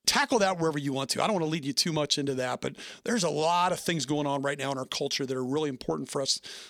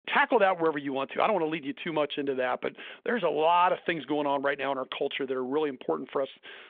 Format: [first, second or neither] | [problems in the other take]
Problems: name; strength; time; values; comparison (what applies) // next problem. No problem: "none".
first | phone-call audio